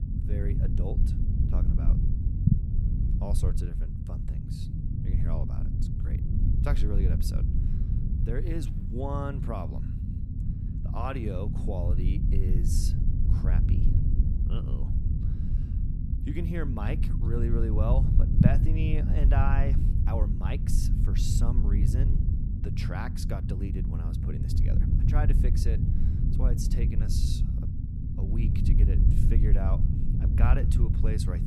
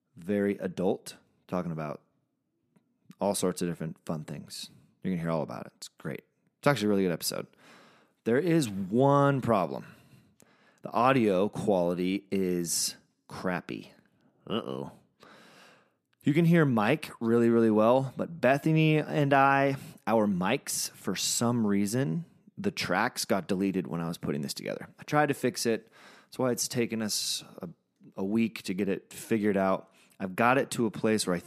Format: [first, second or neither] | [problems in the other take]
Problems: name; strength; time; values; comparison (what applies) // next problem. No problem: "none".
second | low rumble; loud; throughout; 2 dB below the speech